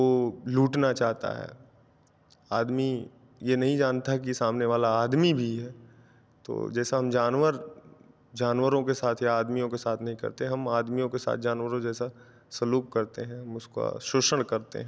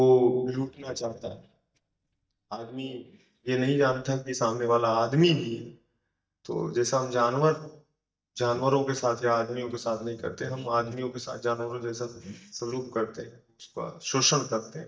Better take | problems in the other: first | noise reduction (neural mask model DeepFilterNet 3)

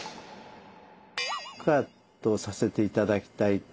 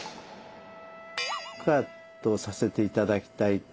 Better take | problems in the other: first | background sound (Wind instrument, woodwind instrument); 20 dB below the speech

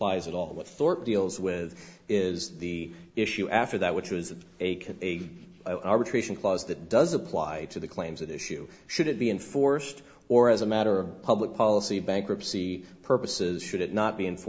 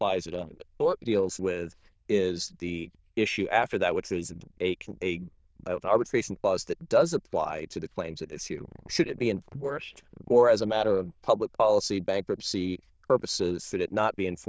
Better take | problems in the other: first | noise reduction (neural diffusion model UNIVERSE++)

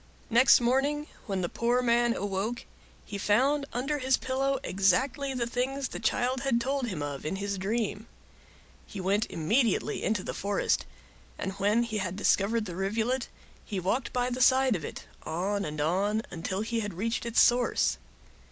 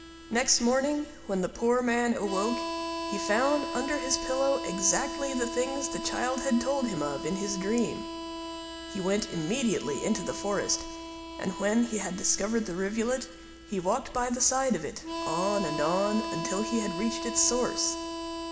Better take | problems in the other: first | background sound (Harmonica); 8 dB below the speech // room echo; dies away in 1.3 s

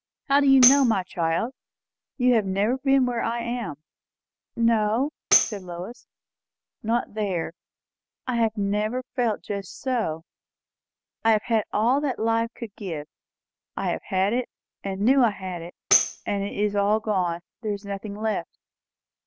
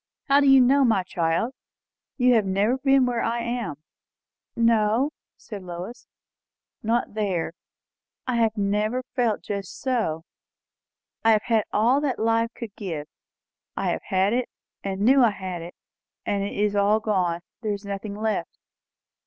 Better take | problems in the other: second | background sound (Tambourine); 4 dB below the speech

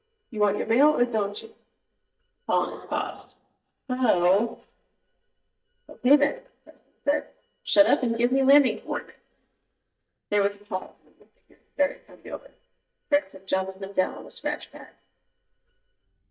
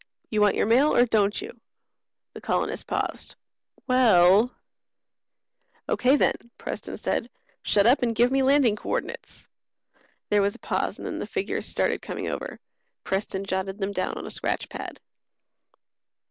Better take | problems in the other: second | noise reduction (neural mask model DeepFilterNet 3)

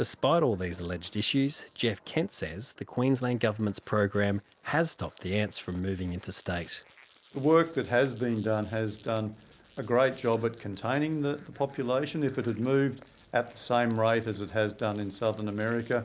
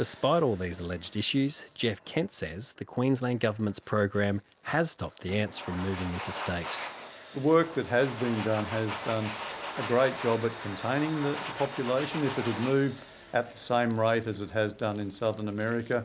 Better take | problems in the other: first | background sound (Domestic sounds, home sounds); 12 dB below the speech

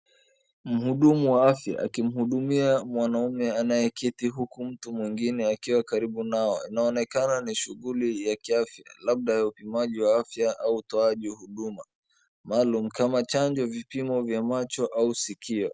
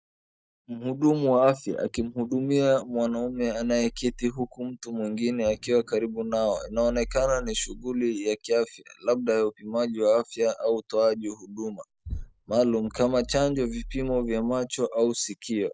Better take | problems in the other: first | noise reduction (neural mask model DeepFilterNet 3)

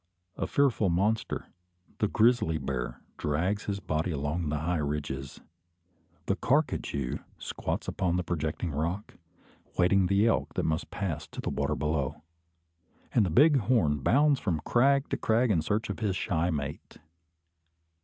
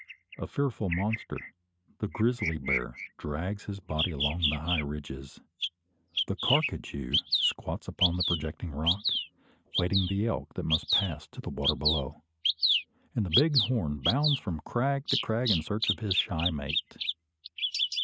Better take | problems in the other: first | noise reduction (neural mask model RNNoise)

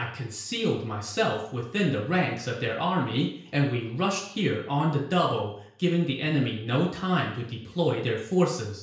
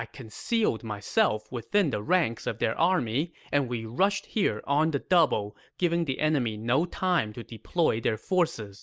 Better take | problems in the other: second | room echo; dies away in 0.5 s

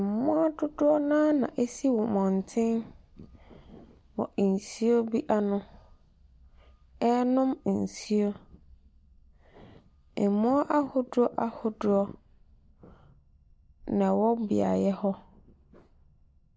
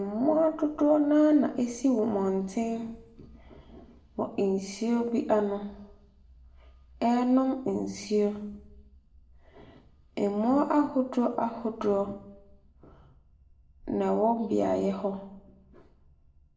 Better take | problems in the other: first | room echo; dies away in 0.6 s

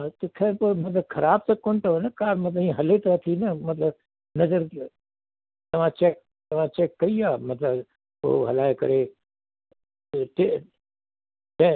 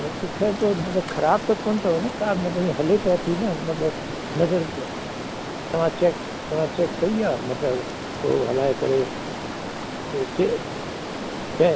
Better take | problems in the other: first | background sound (Stream); 7 dB below the speech

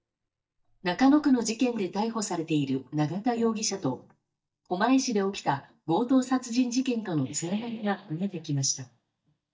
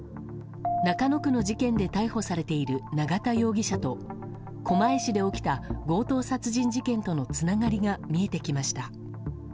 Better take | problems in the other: second | noise reduction (neural mask model DeepFilterNet 3)

